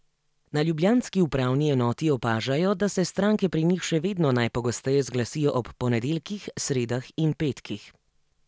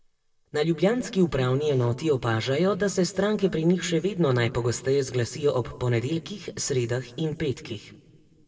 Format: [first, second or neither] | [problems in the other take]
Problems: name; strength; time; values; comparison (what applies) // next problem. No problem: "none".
first | noise reduction (neural separator model SepFormer DNS4)